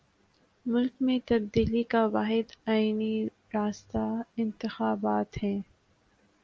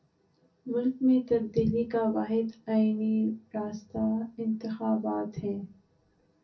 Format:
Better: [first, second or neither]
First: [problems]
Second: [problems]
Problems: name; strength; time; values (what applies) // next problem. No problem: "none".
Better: first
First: none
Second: room echo; dies away in 0.3 s